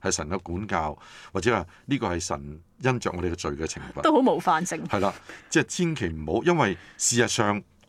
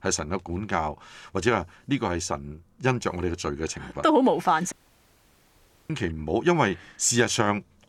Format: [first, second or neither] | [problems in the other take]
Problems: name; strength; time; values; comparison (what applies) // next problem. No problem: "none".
first | audio cutting out; at 4.5 s for 1 s